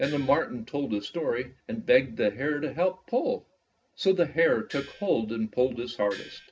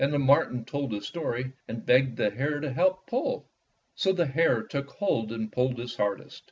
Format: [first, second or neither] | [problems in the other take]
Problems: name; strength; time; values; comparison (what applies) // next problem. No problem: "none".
second | background sound (Gong); 16 dB below the speech // room echo; dies away in 0.3 s